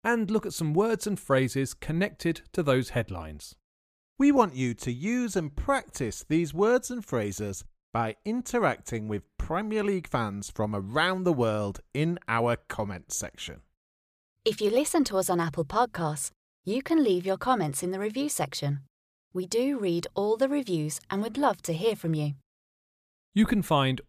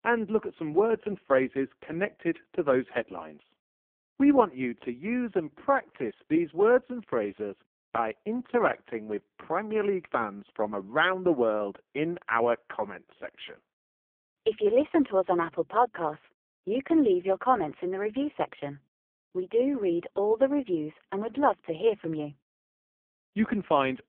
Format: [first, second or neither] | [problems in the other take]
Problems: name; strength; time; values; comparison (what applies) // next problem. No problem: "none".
first | phone-call audio; poor line; nothing above 3.5 kHz